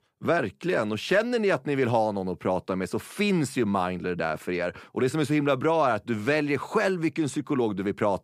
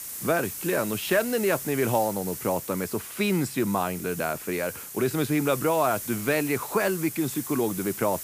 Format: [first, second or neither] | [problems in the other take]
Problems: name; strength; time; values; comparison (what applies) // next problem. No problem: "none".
first | hiss; loud; throughout; 8 dB below the speech